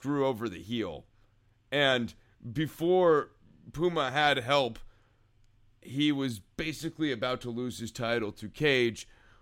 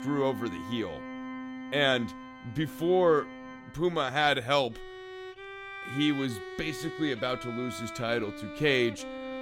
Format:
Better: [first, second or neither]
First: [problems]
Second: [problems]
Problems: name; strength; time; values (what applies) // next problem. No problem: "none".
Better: first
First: none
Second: background music; noticeable; throughout; 10 dB below the speech